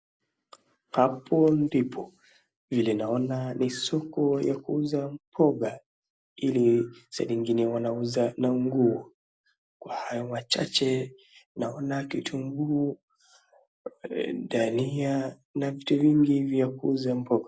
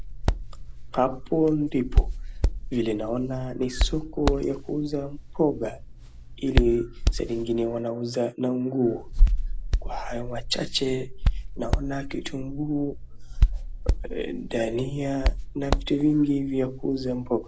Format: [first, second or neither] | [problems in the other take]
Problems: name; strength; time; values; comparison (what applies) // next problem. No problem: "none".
first | background sound (Hands); 1 dB above the speech